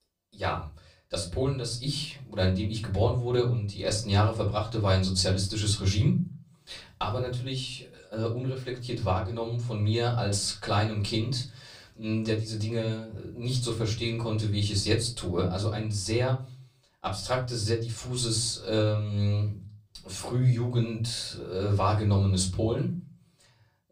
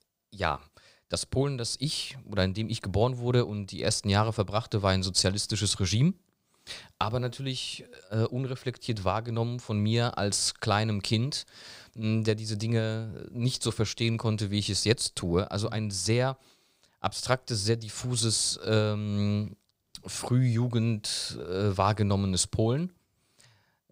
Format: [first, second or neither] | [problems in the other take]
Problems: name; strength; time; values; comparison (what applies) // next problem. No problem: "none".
second | off-mic speech; far // room echo; very slight; dies away in 0.4 s